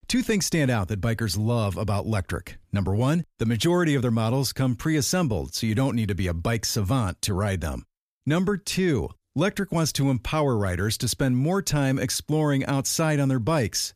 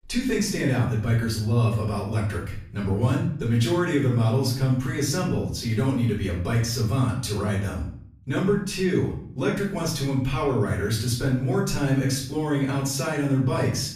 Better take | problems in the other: first | room echo; noticeable; dies away in 0.6 s // off-mic speech; far

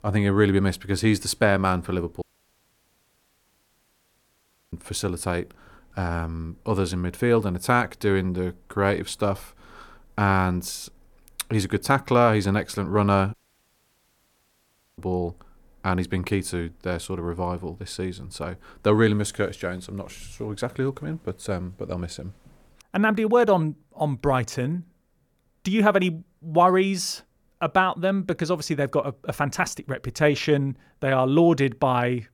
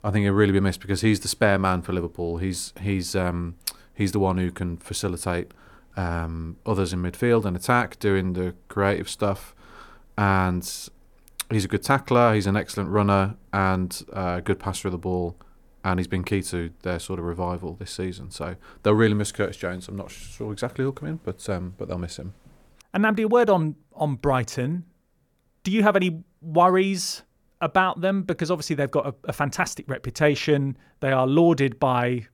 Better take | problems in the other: second | audio cutting out; at 2 s for 2.5 s and at 13 s for 1.5 s

